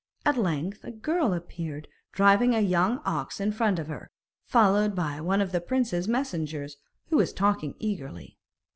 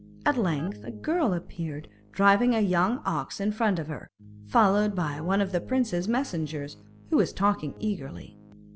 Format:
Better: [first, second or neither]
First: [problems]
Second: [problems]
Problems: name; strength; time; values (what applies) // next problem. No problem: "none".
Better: first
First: none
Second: background sound (Keyboard (musical)); 19 dB below the speech